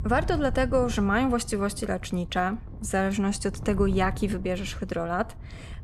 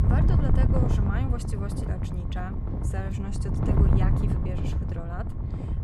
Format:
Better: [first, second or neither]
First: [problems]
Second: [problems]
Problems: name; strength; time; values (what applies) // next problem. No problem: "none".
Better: first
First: wind noise on the microphone; occasional gusts; 20 dB below the speech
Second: wind noise on the microphone; heavy; 2 dB above the speech